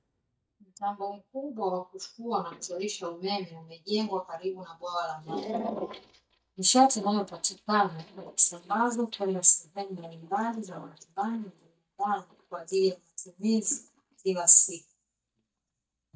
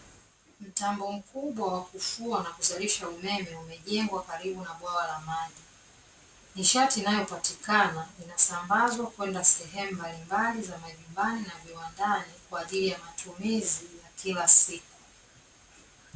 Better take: second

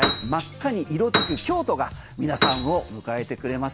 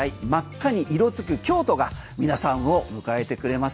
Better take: second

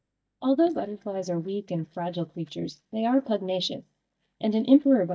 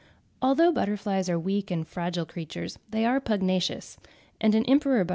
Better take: second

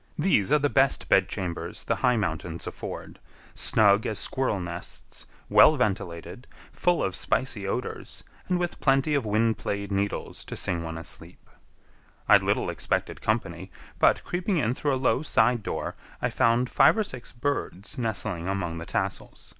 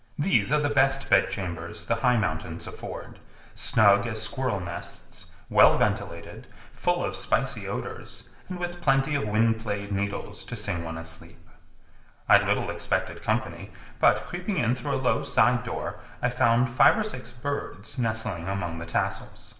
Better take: first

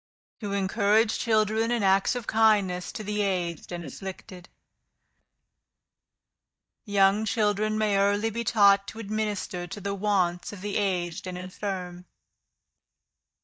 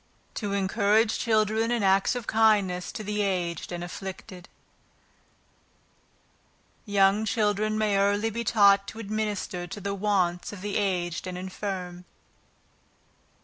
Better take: second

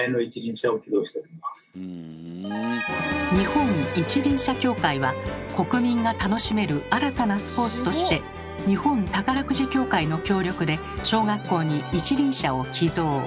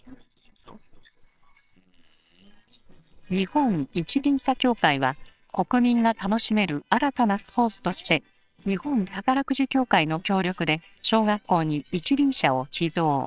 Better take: first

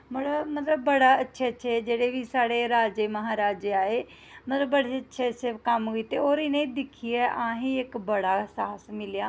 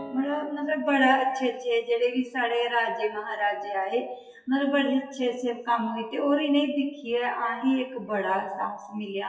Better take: first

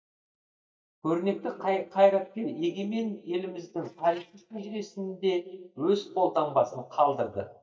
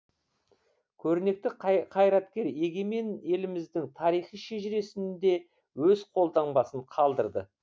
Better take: second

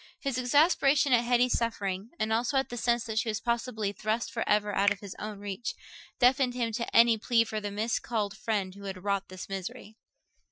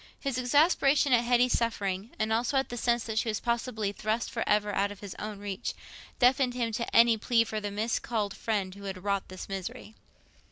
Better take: second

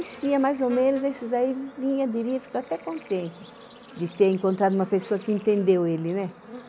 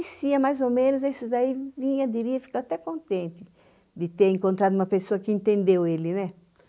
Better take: second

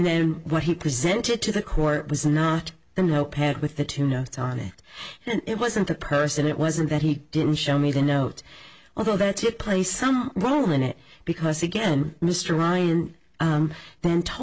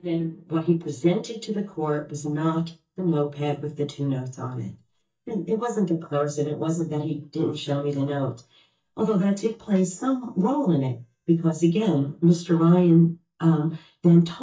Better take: first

